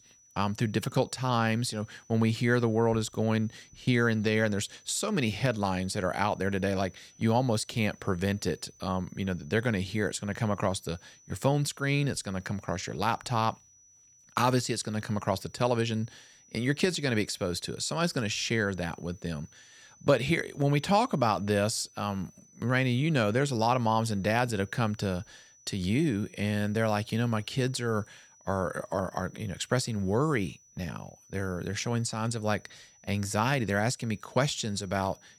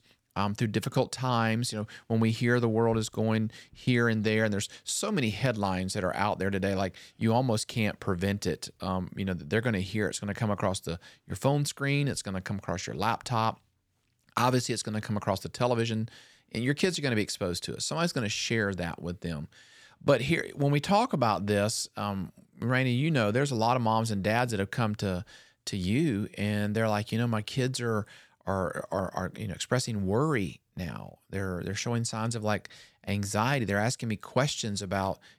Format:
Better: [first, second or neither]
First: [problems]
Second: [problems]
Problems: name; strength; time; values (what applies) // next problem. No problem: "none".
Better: second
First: high-pitched whine; faint; throughout; 6 kHz, 25 dB below the speech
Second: none